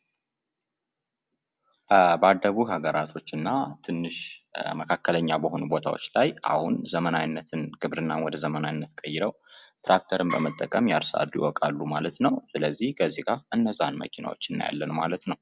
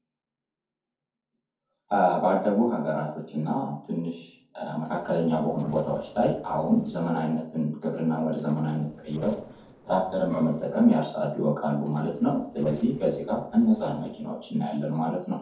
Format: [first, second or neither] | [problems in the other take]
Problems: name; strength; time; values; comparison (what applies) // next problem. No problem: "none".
first | noise reduction (neural separator model SepFormer DNS4)